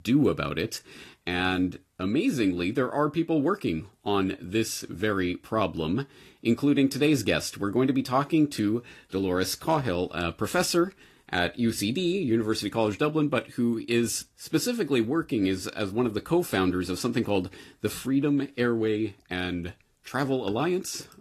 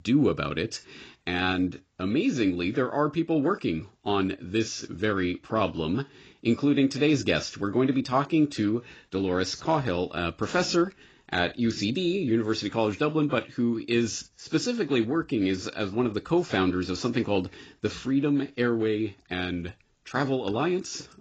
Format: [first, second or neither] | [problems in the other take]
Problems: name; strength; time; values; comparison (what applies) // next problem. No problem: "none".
first | garbled, watery; badly; nothing above 7.5 kHz; slightly in the first